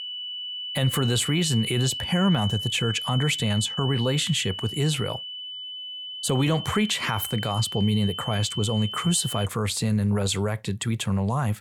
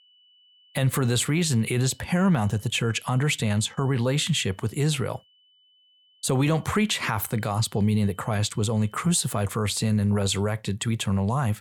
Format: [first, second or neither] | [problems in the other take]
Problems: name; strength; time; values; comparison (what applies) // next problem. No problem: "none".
second | high-pitched whine; loud; until 9.5 s; 3 kHz, 6 dB below the speech; faint in the second